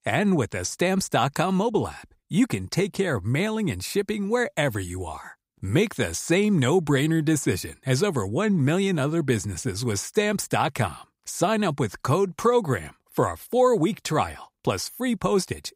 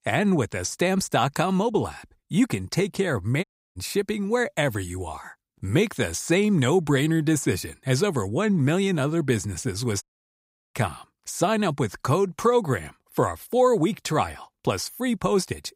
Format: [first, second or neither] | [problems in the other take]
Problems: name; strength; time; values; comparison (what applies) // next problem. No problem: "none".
first | audio cutting out; at 3.5 s and at 10 s for 0.5 s